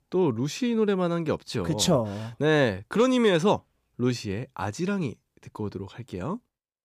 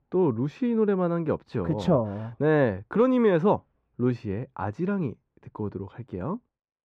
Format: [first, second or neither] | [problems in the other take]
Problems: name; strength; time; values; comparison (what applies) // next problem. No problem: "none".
first | muffled; very; fading above 3.5 kHz